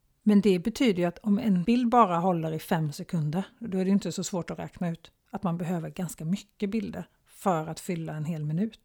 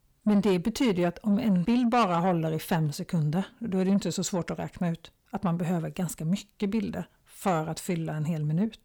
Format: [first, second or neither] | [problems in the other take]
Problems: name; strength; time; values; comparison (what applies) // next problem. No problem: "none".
first | distortion; slight; 10 dB below the speech